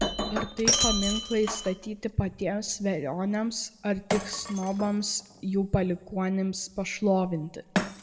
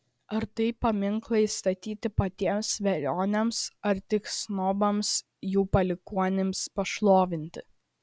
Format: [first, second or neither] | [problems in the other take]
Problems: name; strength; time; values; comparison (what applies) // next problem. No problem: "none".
second | background sound (Shatter); 5 dB below the speech // room echo; dies away in 0.7 s